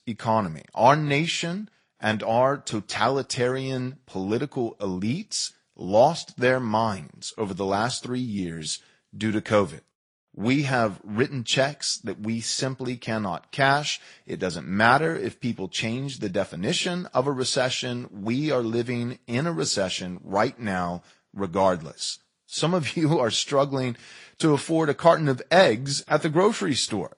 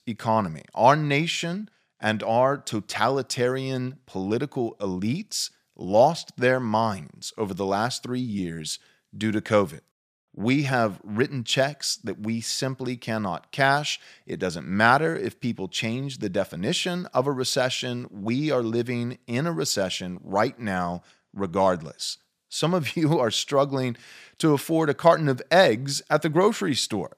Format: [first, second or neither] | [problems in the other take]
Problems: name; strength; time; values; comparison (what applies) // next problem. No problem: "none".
second | garbled, watery; slightly; nothing above 10.5 kHz